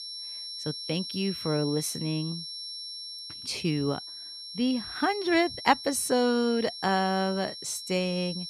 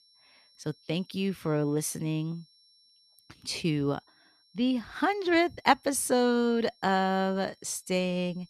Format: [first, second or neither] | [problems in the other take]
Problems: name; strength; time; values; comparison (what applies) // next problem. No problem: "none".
second | high-pitched whine; loud; throughout; 5.5 kHz, 8 dB below the speech; faint in the second